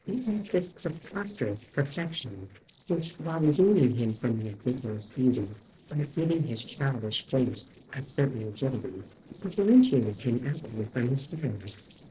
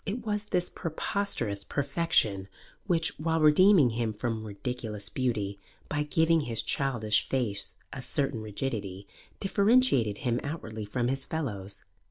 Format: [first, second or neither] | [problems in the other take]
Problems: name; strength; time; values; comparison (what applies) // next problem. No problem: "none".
second | noise reduction (neural separator model SepFormer DNS4)